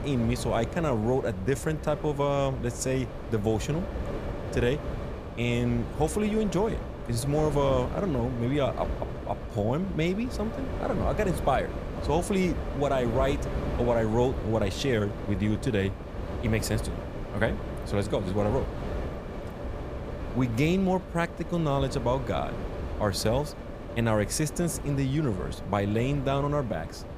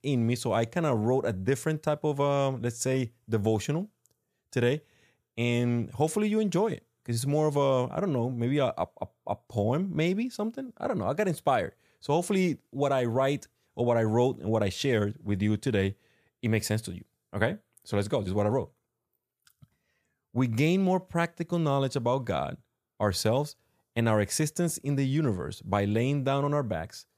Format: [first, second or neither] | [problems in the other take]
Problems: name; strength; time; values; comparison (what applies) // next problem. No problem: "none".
second | wind noise on the microphone; heavy; 9 dB below the speech